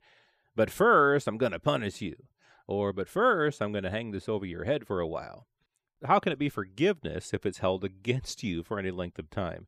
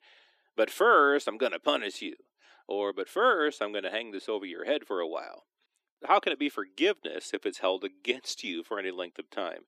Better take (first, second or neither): first